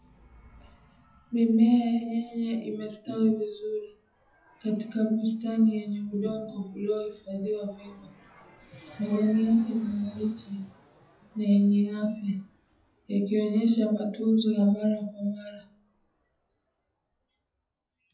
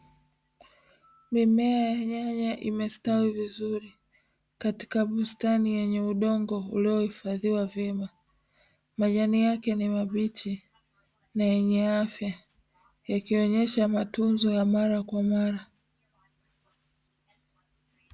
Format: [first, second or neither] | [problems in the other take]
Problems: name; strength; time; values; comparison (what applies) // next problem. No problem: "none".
second | noise reduction (classical method WPE with log-MMSE)